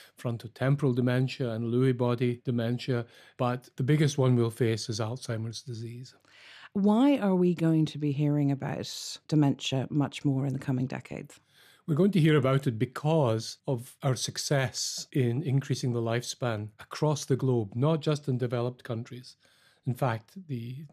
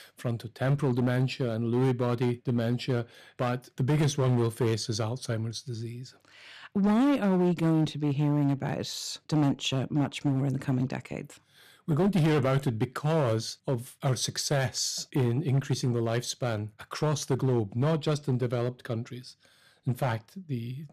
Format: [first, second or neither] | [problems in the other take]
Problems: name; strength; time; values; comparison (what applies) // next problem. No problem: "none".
first | distortion; slight; 7% of the sound clipped